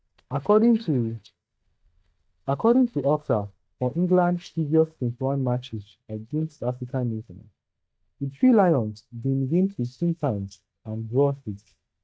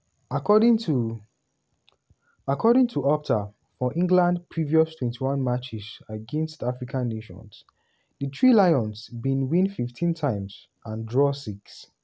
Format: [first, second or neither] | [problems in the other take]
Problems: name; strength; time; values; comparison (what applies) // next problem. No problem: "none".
second | noise reduction (neural mask model DeepFilterNet 3)